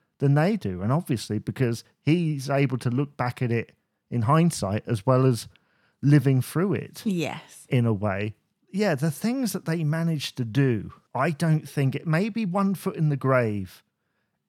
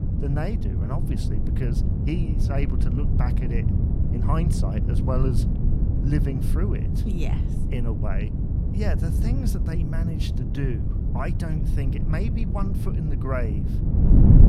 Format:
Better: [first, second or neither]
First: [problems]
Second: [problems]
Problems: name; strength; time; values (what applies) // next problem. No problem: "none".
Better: first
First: none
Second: wind noise on the microphone; heavy; 2 dB below the speech